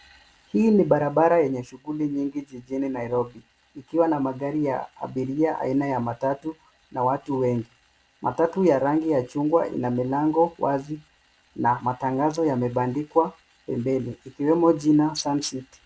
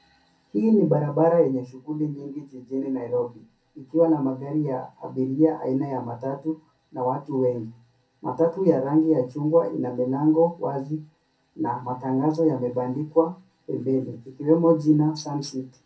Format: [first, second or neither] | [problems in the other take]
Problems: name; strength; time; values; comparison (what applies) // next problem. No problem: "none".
first | room echo; dies away in 0.3 s